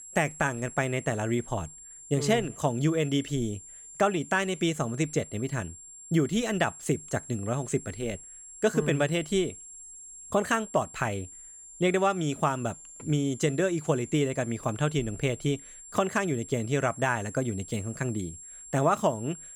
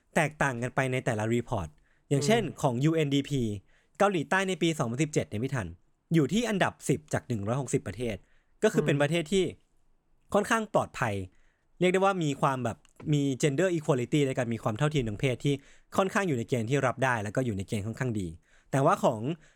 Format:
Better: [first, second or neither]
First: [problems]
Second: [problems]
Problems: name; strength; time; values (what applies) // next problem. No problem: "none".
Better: second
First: high-pitched whine; noticeable; throughout; 7.5 kHz, 15 dB below the speech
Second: none